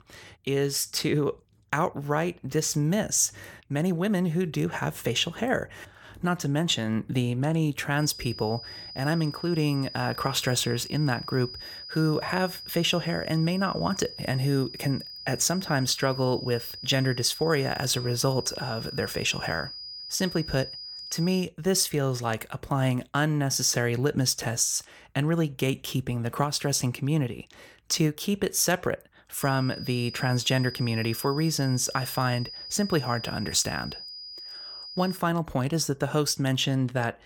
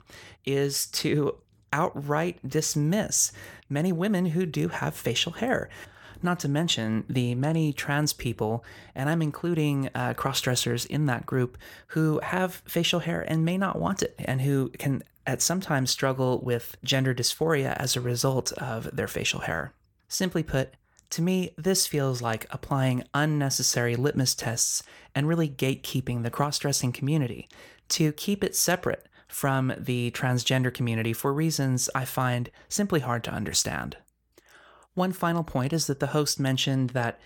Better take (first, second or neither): second